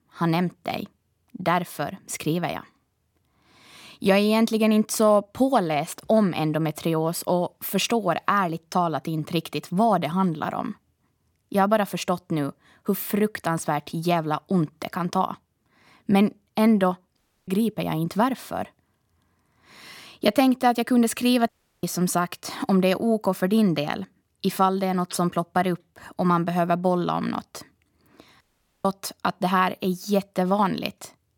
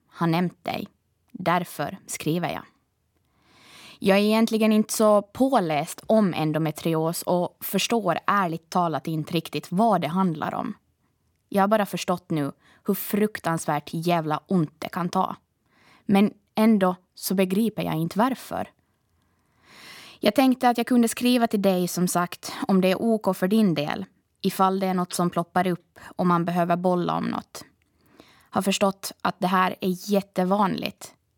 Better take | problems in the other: second | audio cutting out; at 17 s, at 21 s and at 28 s

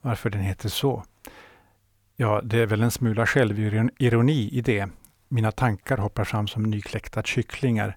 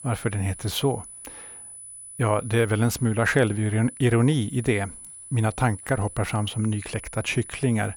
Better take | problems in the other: first | high-pitched whine; noticeable; throughout; 10 kHz, 15 dB below the speech

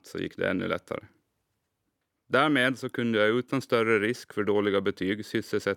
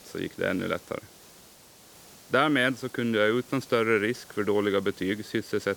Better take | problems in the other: first | hiss; faint; throughout; 25 dB below the speech

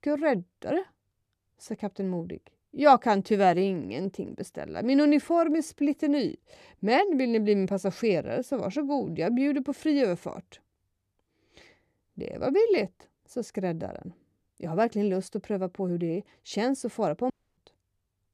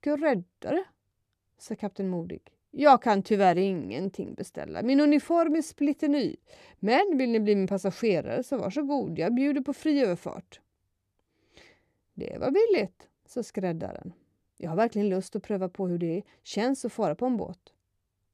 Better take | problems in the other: second | audio cutting out; at 17 s

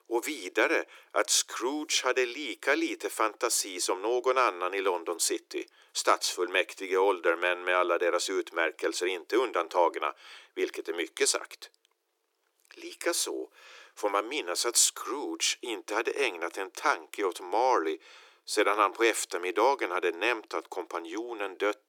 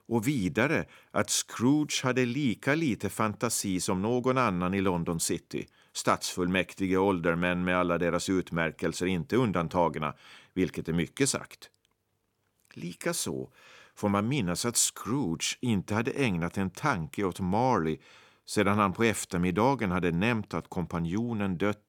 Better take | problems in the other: second | thin; very; fading below 350 Hz

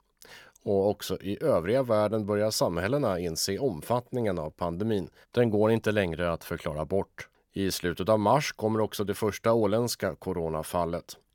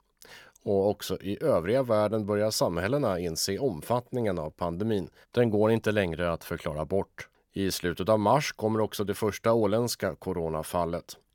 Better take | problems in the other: neither | none

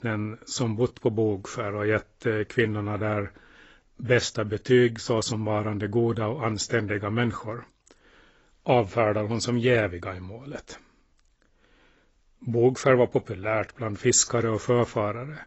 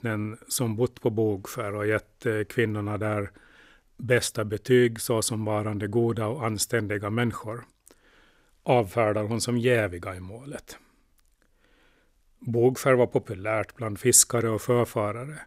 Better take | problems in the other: second | garbled, watery; badly; nothing above 7.5 kHz

